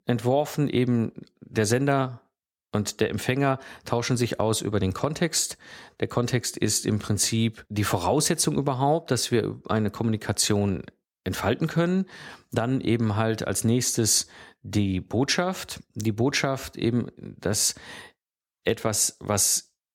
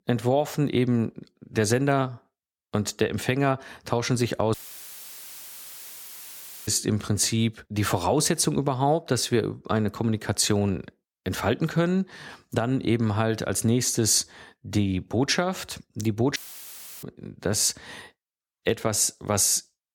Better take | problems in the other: first | audio cutting out; filled with static; at 4.5 s for 2 s and at 16 s for 0.5 s

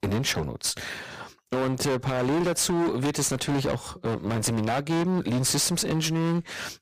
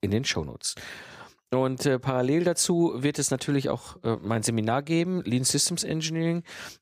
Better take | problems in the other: second | distortion; heavy; 26% of the sound clipped

